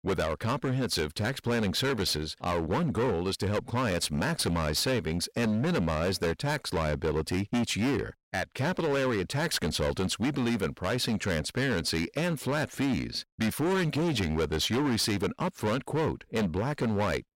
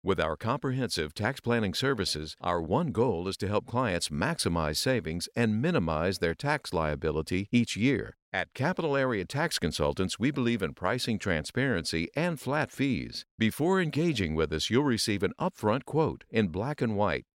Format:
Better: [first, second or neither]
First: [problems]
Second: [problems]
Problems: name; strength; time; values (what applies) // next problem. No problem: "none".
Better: second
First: distortion; heavy; 20% of the sound clipped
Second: none